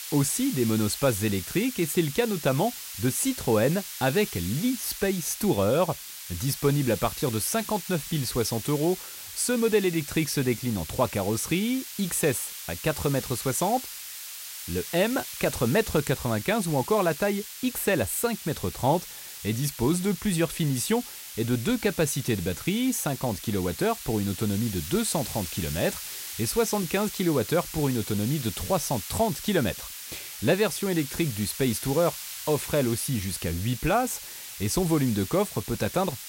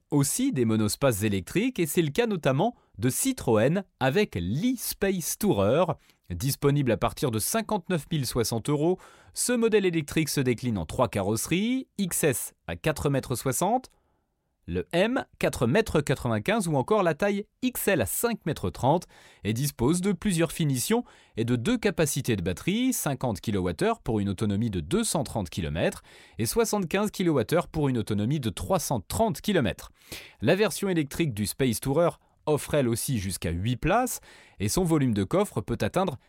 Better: second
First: hiss; loud; throughout; 9 dB below the speech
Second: none

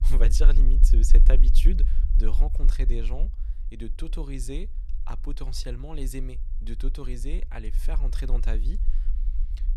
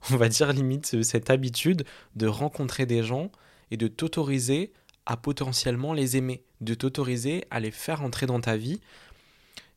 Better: second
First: low rumble; noticeable; throughout; 10 dB below the speech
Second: none

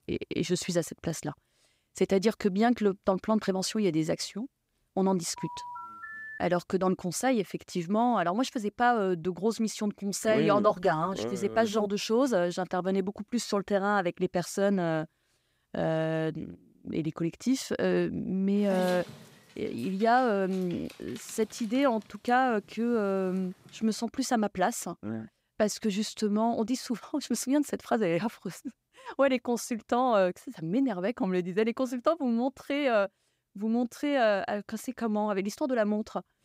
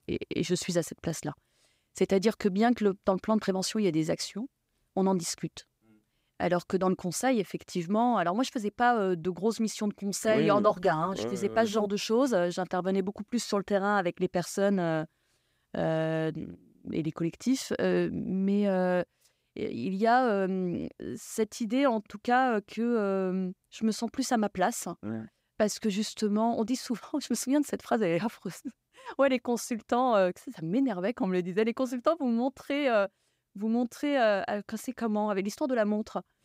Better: second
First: phone ringing; faint; from 5.5 to 6.5 s; peak 10 dB below the speech // dog barking; noticeable; from 19 to 24 s; peak 9 dB below the speech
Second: none

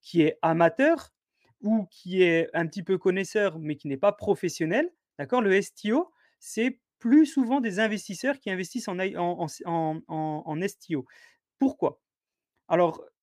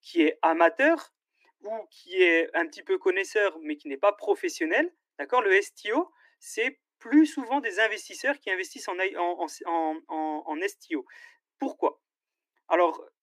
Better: first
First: none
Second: thin; somewhat; fading below 300 Hz

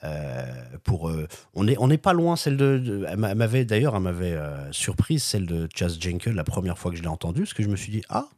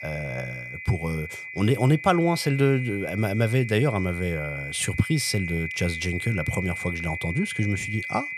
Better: first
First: none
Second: high-pitched whine; loud; throughout; 2 kHz, 7 dB below the speech

